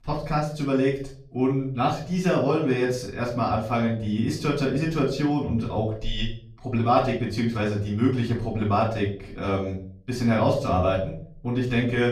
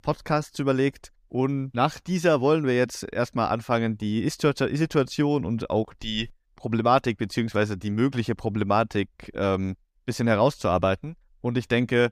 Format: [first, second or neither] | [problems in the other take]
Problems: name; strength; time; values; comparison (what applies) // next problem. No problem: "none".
second | off-mic speech; far // room echo; slight; dies away in 0.4 s